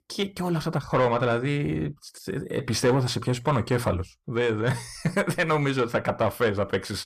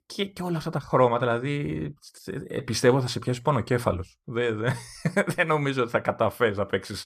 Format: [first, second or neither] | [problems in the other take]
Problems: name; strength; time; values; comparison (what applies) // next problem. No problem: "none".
second | distortion; slight; 10 dB below the speech